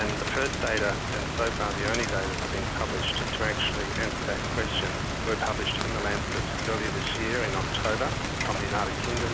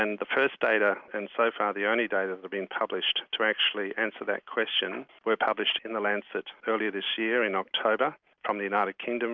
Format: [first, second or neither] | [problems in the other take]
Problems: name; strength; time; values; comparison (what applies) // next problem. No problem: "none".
second | background sound (Rain); 2 dB above the speech